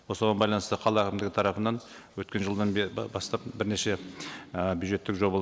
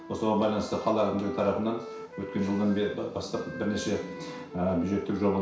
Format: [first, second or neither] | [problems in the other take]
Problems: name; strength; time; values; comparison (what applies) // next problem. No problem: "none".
first | background sound (Wind instrument, woodwind instrument); 14 dB below the speech // room echo; dies away in 0.6 s